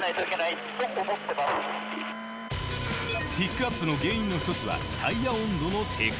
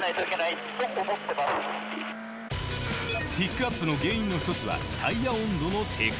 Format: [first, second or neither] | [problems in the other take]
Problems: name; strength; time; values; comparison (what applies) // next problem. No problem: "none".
second | background sound (Wind instrument, woodwind instrument); 15 dB below the speech